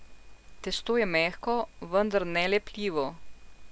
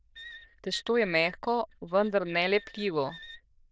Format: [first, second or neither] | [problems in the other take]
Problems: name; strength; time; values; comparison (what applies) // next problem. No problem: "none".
first | noise reduction (neural diffusion model UNIVERSE++)